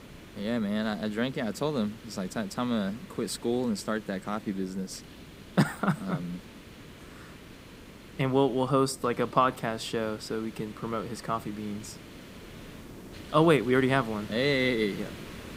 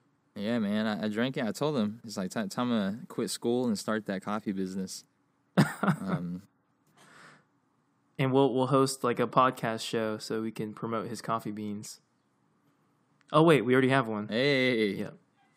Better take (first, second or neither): second